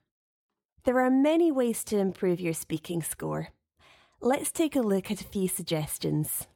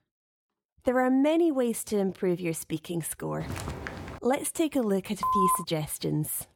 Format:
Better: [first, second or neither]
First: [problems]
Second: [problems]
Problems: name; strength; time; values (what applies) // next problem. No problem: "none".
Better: first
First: none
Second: footsteps; noticeable; at 3.5 s; peak 8 dB below the speech // phone ringing; loud; at 5 s; peak 3 dB above the speech